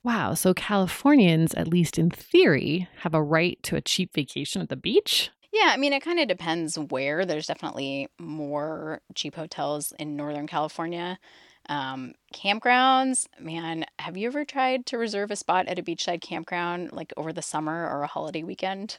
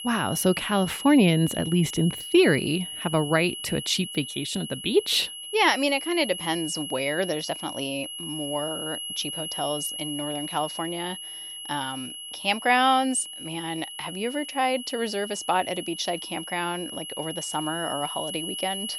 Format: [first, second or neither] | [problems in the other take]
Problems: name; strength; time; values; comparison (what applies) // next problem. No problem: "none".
first | high-pitched whine; loud; throughout; 3 kHz, 8 dB below the speech